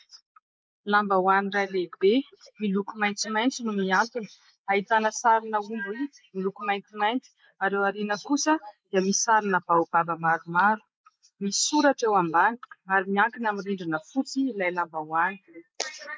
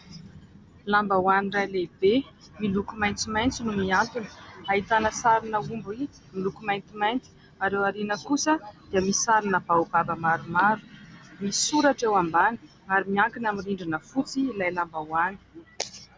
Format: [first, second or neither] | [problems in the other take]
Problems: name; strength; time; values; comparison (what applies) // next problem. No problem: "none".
second | noise reduction (neural mask model Resemble Enhance denoiser)